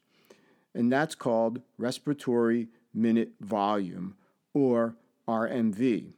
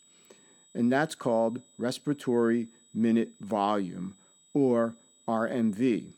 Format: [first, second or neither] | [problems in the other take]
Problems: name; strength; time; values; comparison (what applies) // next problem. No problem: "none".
first | high-pitched whine; faint; throughout; 8 kHz, 30 dB below the speech